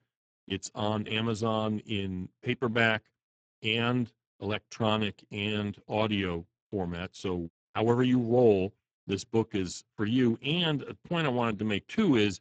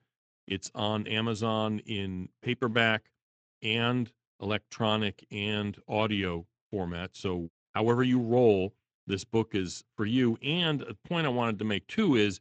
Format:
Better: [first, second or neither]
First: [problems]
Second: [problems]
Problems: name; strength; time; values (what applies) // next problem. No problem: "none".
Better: second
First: garbled, watery; badly; nothing above 7.5 kHz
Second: garbled, watery; slightly; nothing above 7.5 kHz